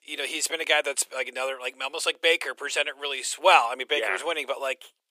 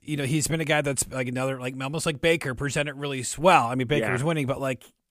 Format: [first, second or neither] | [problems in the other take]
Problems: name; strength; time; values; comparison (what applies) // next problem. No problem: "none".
second | thin; very; fading below 400 Hz